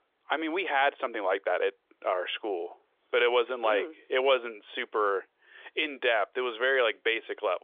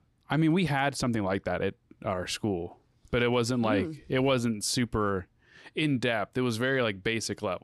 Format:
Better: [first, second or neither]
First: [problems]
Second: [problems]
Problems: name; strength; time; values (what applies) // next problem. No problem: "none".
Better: second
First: phone-call audio; nothing above 3.5 kHz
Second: none